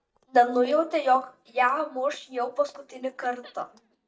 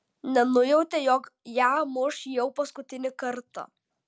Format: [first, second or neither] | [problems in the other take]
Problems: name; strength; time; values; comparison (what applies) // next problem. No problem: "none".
second | noise reduction (neural mask model DeepFilterNet 3)